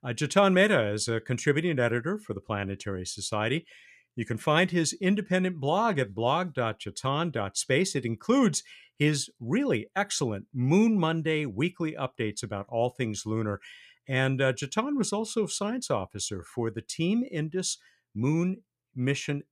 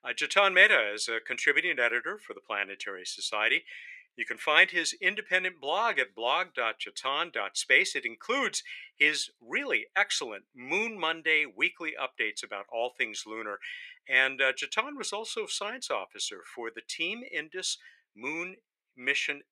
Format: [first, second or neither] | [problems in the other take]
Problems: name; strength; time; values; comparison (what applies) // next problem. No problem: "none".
first | thin; very; fading below 400 Hz